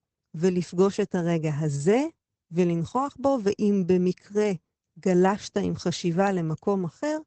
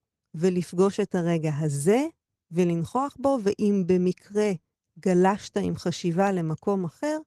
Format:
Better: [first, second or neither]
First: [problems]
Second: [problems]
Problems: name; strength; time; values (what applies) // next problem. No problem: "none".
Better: second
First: garbled, watery; badly; nothing above 8 kHz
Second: garbled, watery; slightly